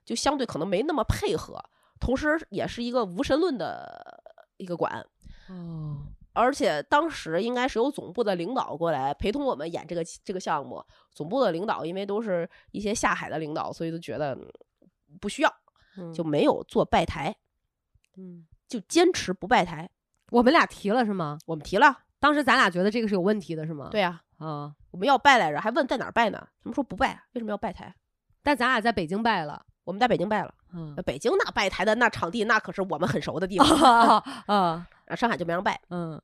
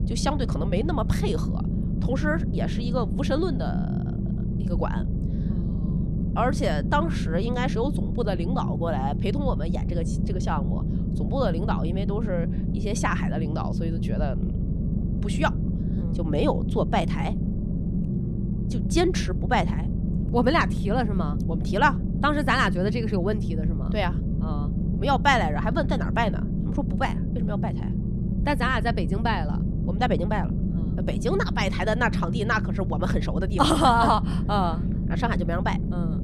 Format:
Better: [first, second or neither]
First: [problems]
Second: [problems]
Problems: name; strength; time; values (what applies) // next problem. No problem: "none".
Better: first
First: none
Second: low rumble; noticeable; throughout; 10 dB below the speech